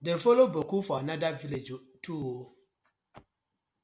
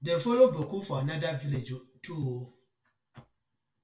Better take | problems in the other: first | room echo; dies away in 0.2 s

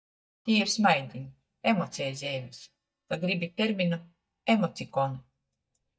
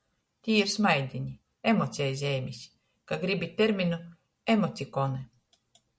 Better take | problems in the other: second | noise reduction (neural mask model DeepFilterNet 3)

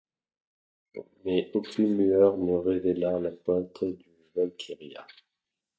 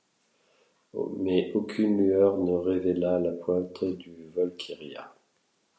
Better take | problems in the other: second | noise reduction (neural mask model DeepFilterNet 3)

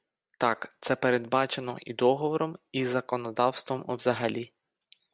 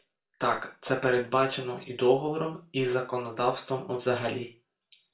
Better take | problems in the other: first | room echo; dies away in 0.3 s

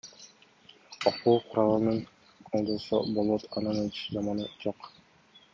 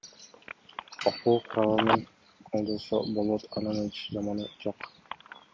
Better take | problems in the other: first | background sound (Telephone); 7 dB below the speech

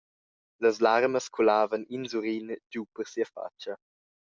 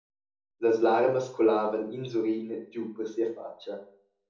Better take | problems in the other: first | room echo; dies away in 0.9 s

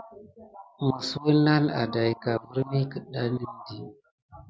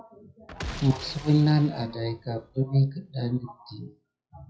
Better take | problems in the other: first | noise reduction (classical method WPE with log-MMSE)

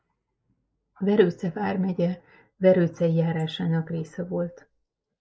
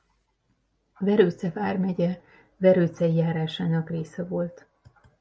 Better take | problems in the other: second | noise reduction (neural mask model Resemble Enhance denoiser)

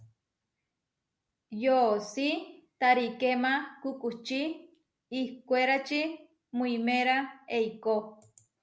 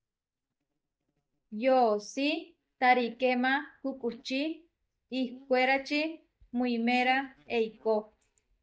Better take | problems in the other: first | noise reduction (neural mask model DeepFilterNet 3)

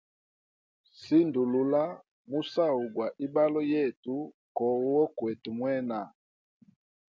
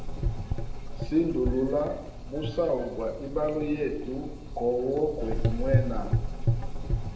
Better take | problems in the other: first | background sound (Gurgling / Engine); as loud as the speech // room echo; dies away in 0.8 s

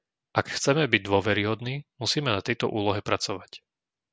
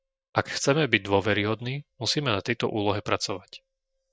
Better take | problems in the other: first | noise reduction (neural mask model DeepFilterNet 3)

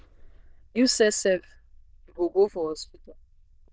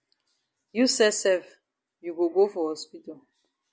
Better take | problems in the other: second | noise reduction (neural diffusion model UNIVERSE++)

